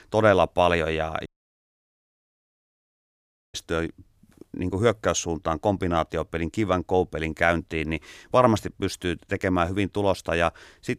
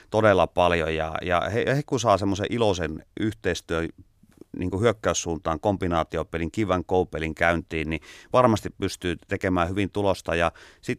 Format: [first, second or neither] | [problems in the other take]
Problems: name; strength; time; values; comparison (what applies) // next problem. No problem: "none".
second | audio cutting out; at 1.5 s for 2.5 s